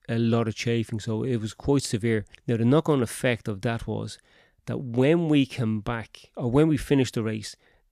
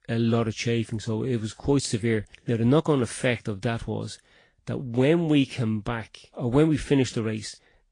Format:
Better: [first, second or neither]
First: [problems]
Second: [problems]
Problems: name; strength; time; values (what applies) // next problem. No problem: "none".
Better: first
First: none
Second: garbled, watery; slightly; nothing above 8.5 kHz